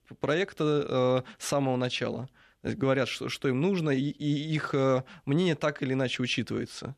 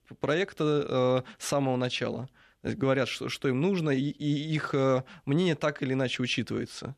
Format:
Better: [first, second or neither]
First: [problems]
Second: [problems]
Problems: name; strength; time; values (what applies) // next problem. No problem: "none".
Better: neither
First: none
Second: none